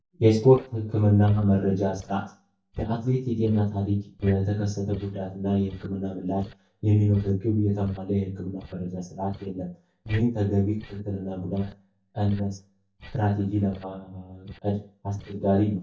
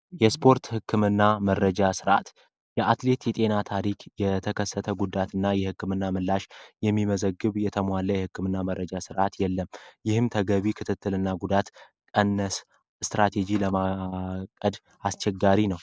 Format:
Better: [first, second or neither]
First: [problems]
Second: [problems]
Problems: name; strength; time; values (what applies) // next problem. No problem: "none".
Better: second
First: noise reduction (neural mask model DeepFilterNet 3)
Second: none